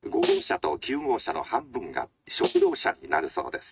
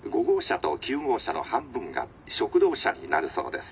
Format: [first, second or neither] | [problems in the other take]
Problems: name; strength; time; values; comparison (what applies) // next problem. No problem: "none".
second | noise reduction (neural mask model RNNoise)